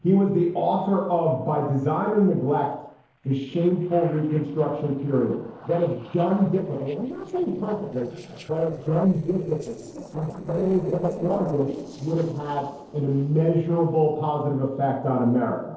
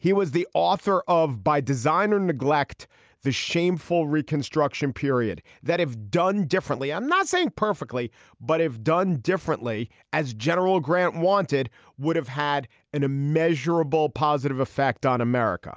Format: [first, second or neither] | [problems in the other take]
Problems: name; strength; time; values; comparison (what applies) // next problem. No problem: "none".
second | noise reduction (neural separator model SepFormer DNS4)